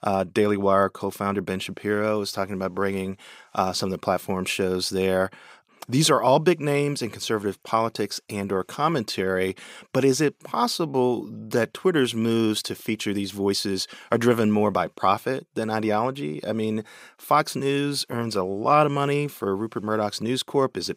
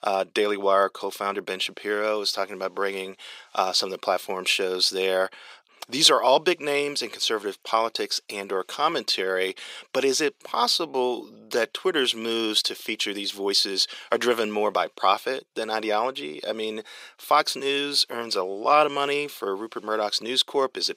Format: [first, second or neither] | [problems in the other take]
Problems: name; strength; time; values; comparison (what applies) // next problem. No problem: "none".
first | thin; somewhat; fading below 450 Hz